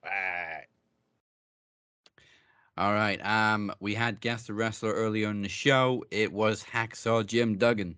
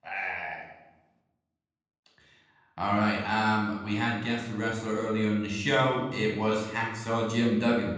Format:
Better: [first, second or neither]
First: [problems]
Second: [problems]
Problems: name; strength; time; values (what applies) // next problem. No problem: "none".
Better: first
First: none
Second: off-mic speech; somewhat distant // room echo; noticeable; dies away in 0.9 s